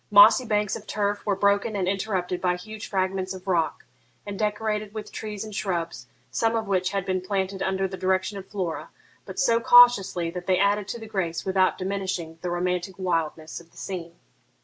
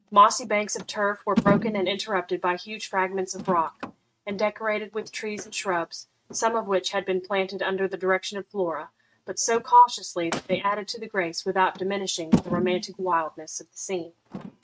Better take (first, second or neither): first